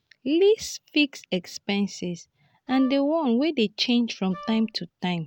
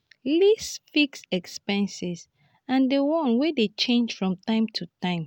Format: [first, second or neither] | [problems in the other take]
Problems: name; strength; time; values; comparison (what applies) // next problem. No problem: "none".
second | background sound (Wind instrument, woodwind instrument); 18 dB below the speech